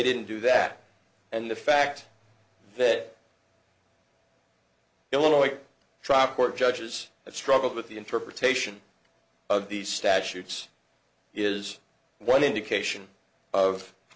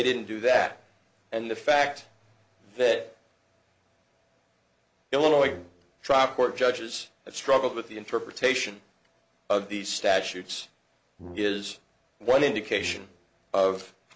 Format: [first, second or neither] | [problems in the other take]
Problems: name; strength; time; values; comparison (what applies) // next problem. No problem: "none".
first | background sound (Brass instrument); 20 dB below the speech